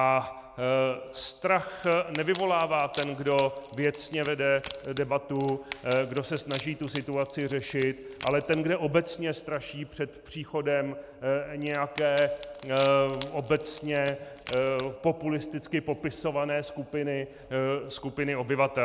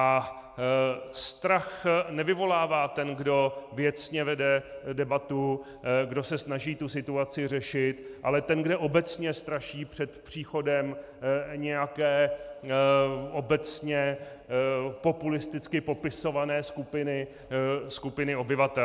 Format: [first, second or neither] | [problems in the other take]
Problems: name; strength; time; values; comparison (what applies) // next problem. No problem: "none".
second | background sound (Wood); 17 dB below the speech